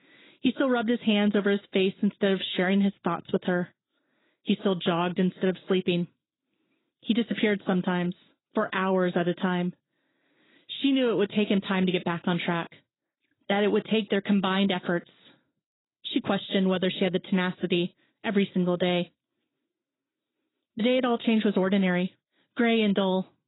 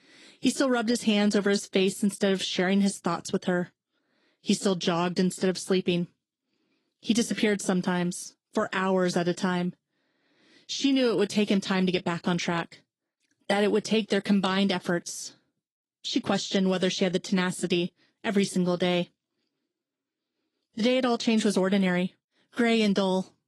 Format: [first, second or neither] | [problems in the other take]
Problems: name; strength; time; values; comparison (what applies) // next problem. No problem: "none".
second | garbled, watery; badly; nothing above 4 kHz; slightly in the second